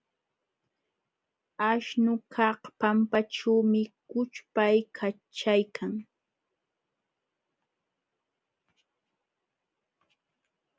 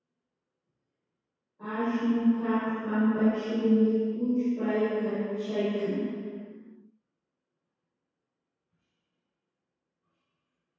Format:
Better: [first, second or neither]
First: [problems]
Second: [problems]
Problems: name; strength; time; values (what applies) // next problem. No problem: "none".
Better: first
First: none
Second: room echo; dies away in 2 s